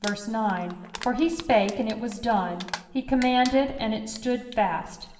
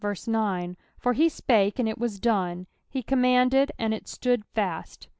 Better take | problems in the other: second | background sound (Crumpling, crinkling); 17 dB below the speech // room echo; dies away in 1.1 s

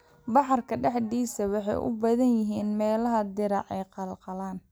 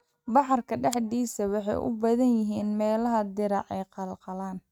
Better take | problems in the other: first | noise reduction (neural mask model RNNoise)

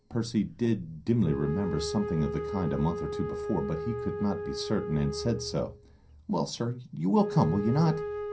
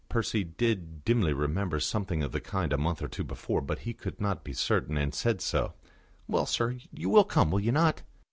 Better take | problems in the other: second | background sound (Wind instrument, woodwind instrument); 7 dB below the speech // room echo; dies away in 0.3 s

